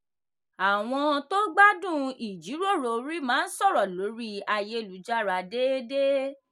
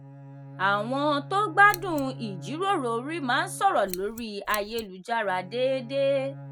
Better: first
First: none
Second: background sound (Bowed string instrument + Scissors); 15 dB below the speech

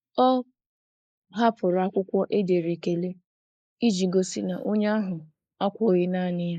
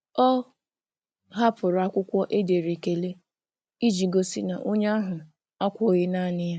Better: second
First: noise reduction (neural mask model Resemble Enhance denoiser)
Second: none

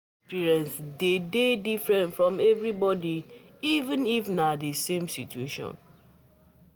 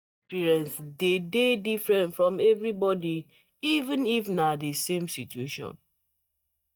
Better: first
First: none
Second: noise reduction (neural mask model DeepFilterNet 3)

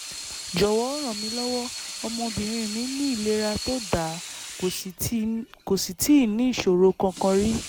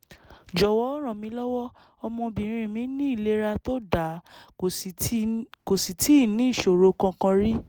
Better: second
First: background sound (Sink (filling or washing) / Water tap, faucet); 11 dB below the speech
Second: none

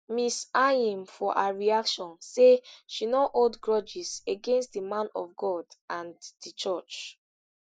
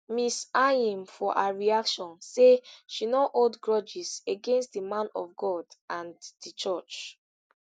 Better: second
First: noise reduction (neural mask model Resemble Enhance denoiser)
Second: none

